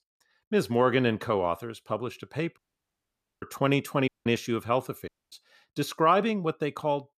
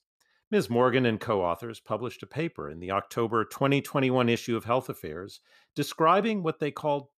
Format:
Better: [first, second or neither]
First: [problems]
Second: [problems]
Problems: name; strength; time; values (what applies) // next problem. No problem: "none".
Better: second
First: audio cutting out; at 2.5 s for 1 s, at 4 s and at 5 s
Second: none